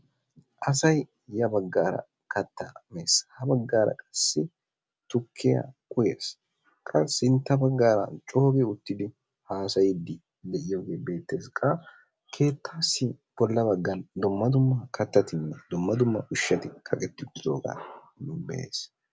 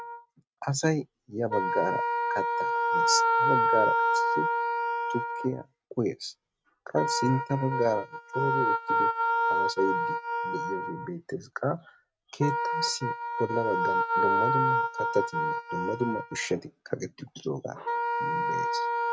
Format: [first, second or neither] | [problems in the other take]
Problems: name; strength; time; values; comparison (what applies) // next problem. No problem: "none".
first | noise reduction (neural mask model RNNoise)